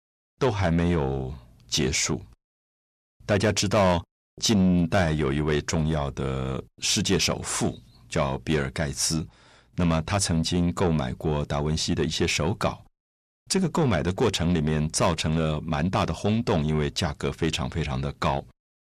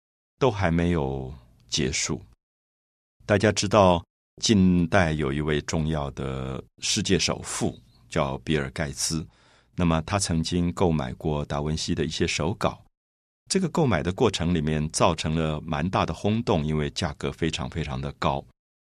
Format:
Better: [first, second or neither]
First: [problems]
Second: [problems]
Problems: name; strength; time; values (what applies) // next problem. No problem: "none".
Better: second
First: distortion; slight; 10 dB below the speech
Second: none